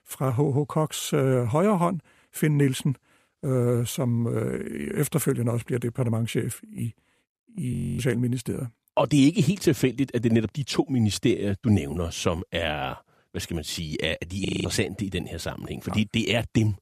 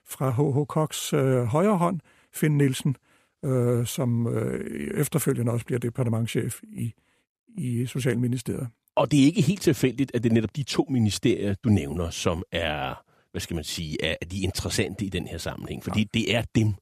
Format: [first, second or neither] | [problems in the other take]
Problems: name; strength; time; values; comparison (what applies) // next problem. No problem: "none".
second | audio freezing; at 7.5 s and at 14 s